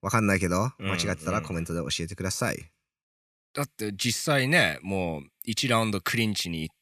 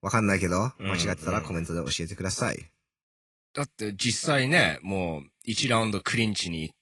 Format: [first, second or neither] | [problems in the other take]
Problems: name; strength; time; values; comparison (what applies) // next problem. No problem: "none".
first | garbled, watery; slightly; nothing above 10.5 kHz